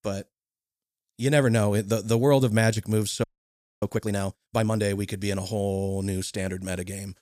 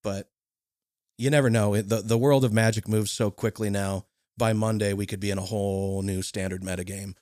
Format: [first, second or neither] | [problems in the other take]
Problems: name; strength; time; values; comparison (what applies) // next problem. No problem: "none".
second | audio freezing; at 3 s for 0.5 s